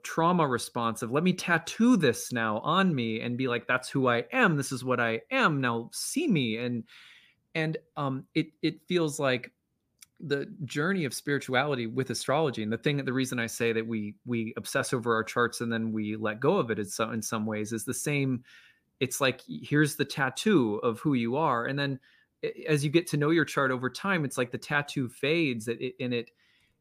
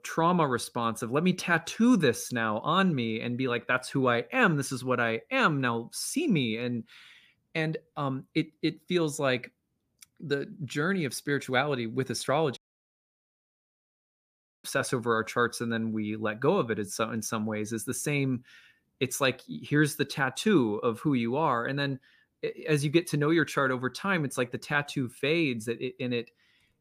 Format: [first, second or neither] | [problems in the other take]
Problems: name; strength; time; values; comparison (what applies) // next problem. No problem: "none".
first | audio cutting out; at 13 s for 2 s